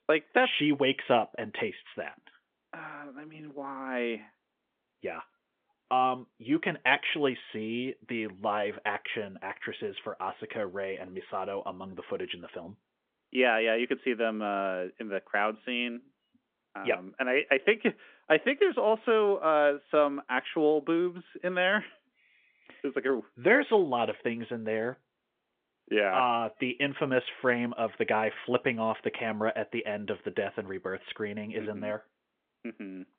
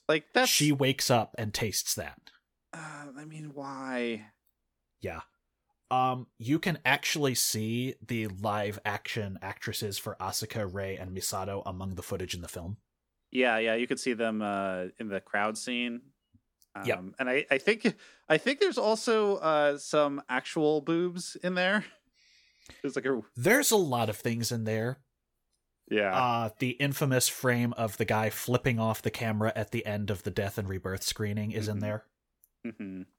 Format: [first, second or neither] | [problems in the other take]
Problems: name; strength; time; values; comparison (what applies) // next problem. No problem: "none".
second | phone-call audio; nothing above 3.5 kHz